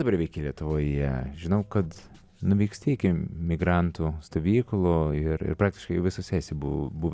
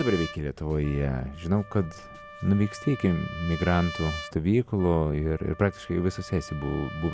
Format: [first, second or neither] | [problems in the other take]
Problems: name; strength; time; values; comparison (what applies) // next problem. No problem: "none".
first | background sound (Trumpet); 15 dB below the speech